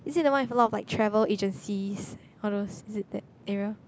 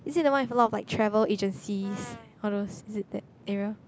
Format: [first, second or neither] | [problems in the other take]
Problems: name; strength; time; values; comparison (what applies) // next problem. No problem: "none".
first | background sound (Brass instrument); 19 dB below the speech